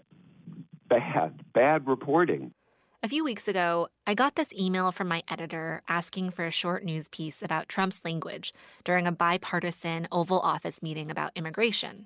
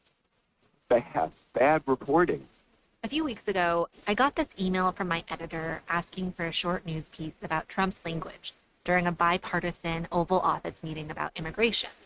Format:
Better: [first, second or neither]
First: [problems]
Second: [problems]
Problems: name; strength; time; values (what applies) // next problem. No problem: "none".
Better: first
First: none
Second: noise reduction (neural mask model RNNoise)